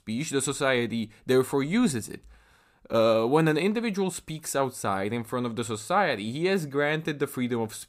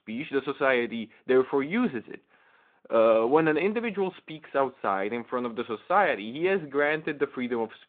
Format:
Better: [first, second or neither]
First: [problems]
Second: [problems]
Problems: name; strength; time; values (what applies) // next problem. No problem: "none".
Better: first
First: none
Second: phone-call audio; nothing above 3.5 kHz